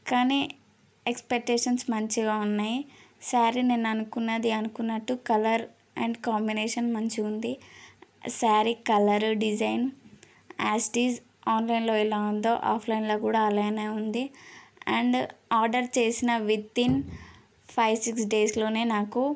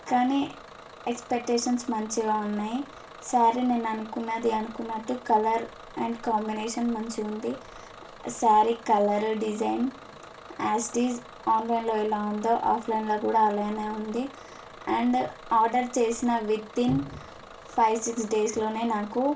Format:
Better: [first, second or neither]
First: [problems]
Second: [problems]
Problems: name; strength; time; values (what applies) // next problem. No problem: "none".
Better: first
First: none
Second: background sound (Bus / Engine); 18 dB below the speech // room echo; dies away in 0.2 s